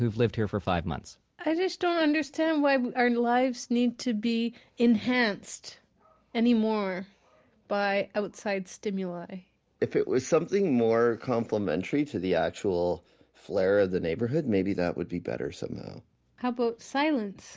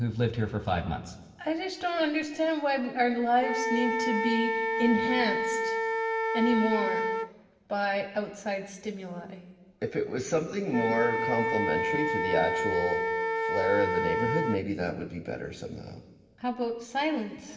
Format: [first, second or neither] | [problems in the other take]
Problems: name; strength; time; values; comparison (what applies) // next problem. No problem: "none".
first | background sound (Wind instrument, woodwind instrument); 2 dB below the speech // room echo; dies away in 1.4 s